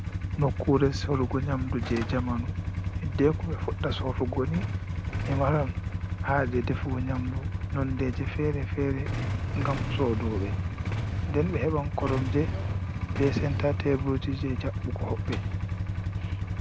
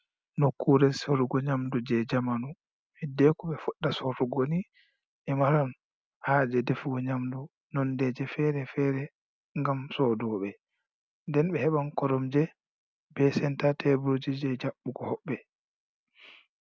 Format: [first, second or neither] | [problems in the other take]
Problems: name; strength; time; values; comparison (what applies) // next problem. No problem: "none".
second | background sound (Idling / Engine starting / Motorcycle / Accelerating, revving, vroom); as loud as the speech